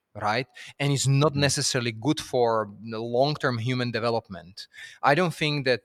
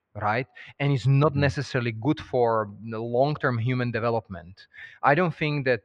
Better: first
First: none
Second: muffled; slightly; fading above 2 kHz

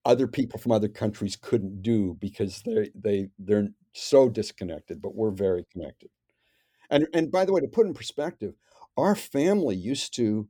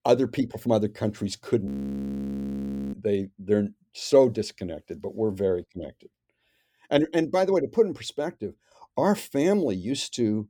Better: first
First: none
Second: audio freezing; at 1.5 s for 1.5 s

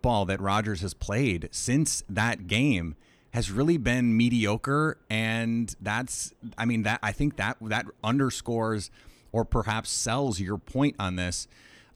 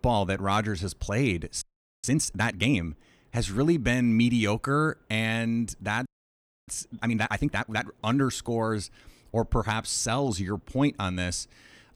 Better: first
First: none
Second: audio freezing; at 1.5 s and at 6 s for 0.5 s

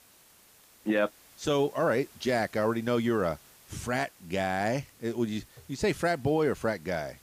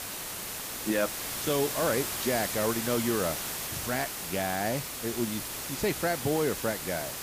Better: first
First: hiss; faint; throughout; 25 dB below the speech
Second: hiss; loud; throughout; 2 dB below the speech

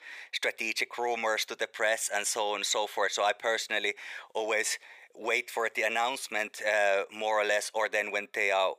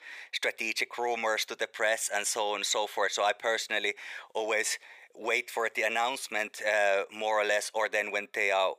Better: neither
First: thin; very; fading below 550 Hz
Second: thin; very; fading below 550 Hz

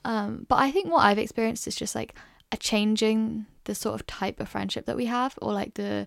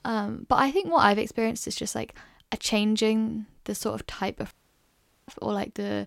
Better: first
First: none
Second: audio cutting out; at 4.5 s for 1 s

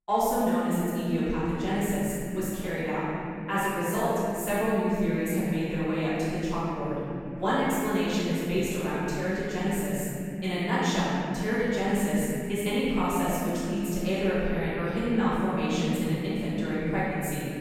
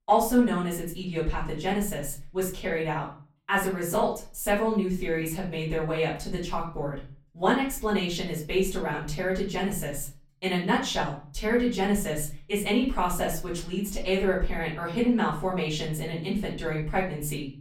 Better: second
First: room echo; strong; dies away in 3 s // off-mic speech; far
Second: room echo; slight; dies away in 0.4 s // off-mic speech; far

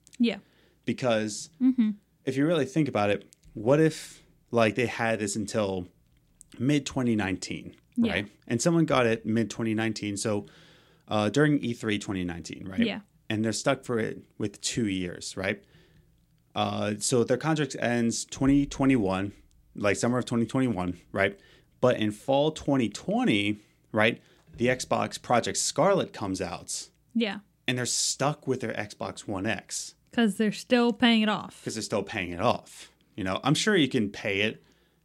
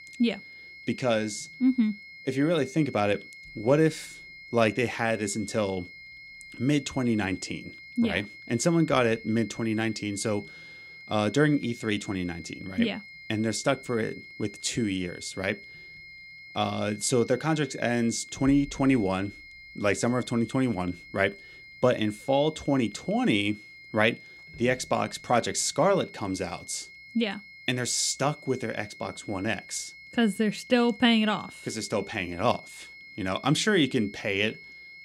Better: first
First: none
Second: high-pitched whine; noticeable; throughout; 2 kHz, 15 dB below the speech

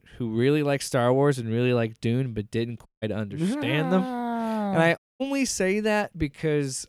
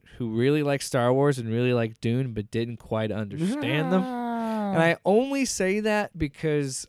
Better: second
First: audio cutting out; at 3 s and at 5 s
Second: none

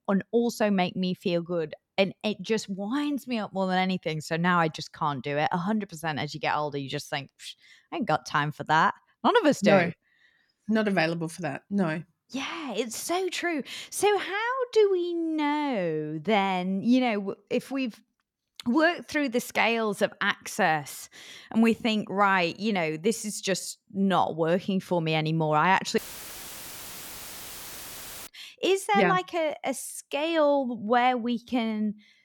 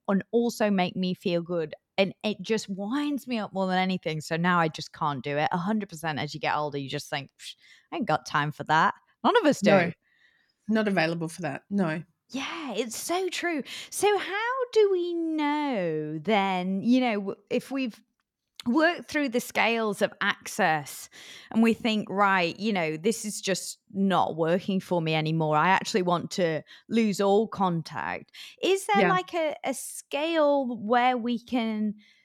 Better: second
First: audio cutting out; filled with static; at 26 s for 2.5 s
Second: none

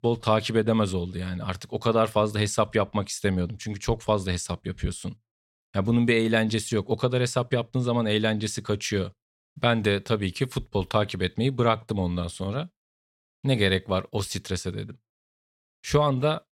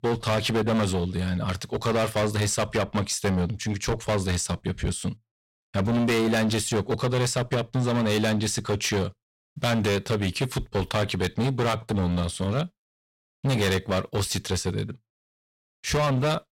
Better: first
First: none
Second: distortion; heavy; 19% of the sound clipped

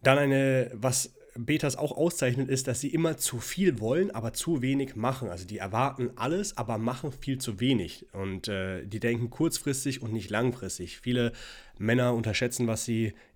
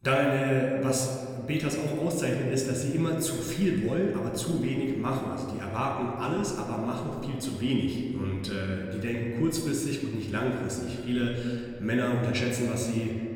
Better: first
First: none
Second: room echo; noticeable; dies away in 2.2 s // off-mic speech; somewhat distant

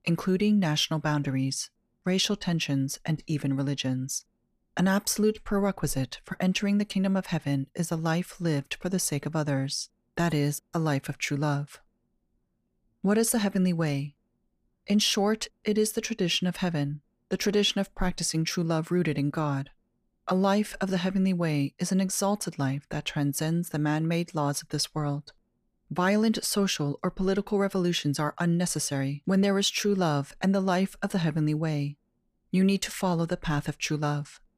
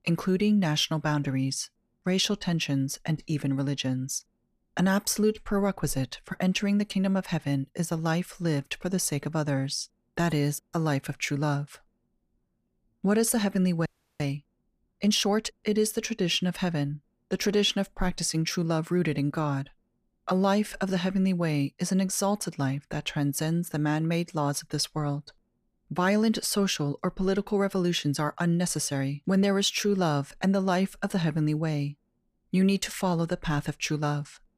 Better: first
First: none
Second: audio freezing; at 14 s

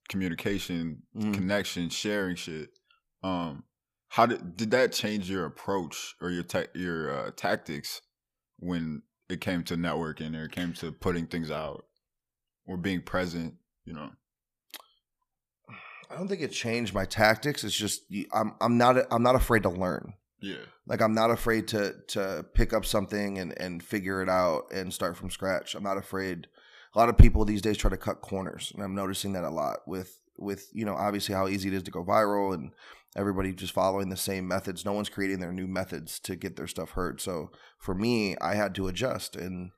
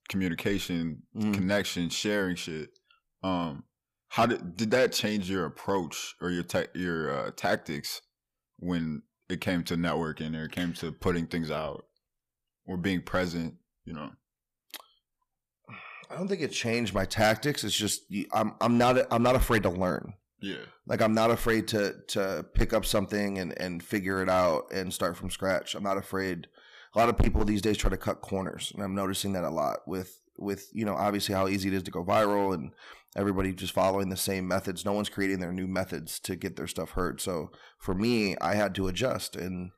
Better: first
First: none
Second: distortion; heavy; 1.7% of the sound clipped

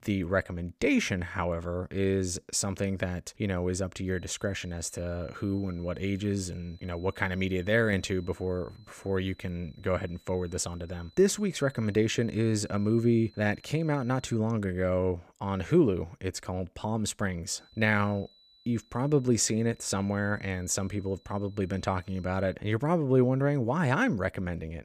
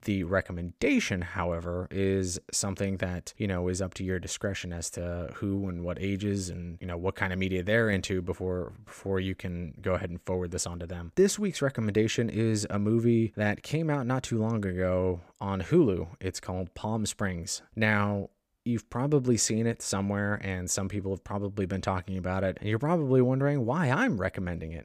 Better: second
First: high-pitched whine; faint; from 4 to 14 s and from 18 to 23 s; 4 kHz, 30 dB below the speech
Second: none

